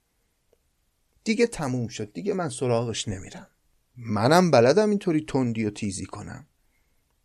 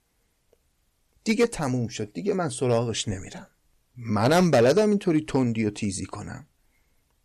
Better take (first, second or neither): first